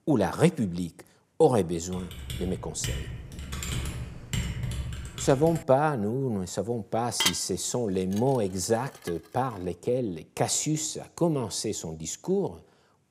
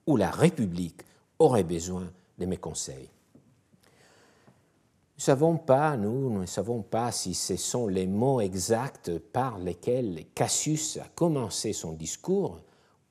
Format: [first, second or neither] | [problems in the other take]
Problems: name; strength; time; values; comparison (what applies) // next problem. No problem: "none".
second | keyboard typing; noticeable; from 2 to 5.5 s; peak 4 dB below the speech // clattering dishes; loud; from 7 to 9 s; peak 2 dB above the speech